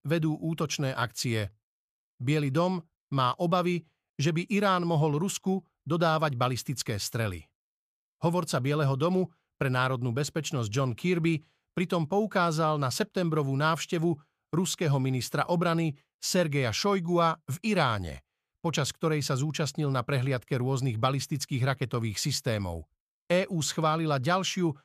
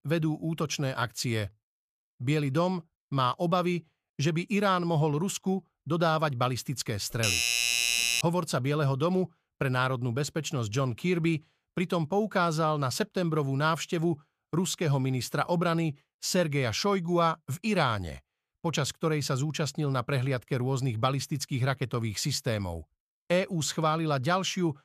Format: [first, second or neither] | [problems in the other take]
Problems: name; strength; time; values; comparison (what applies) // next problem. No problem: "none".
first | doorbell; loud; from 7 to 8 s; peak 5 dB above the speech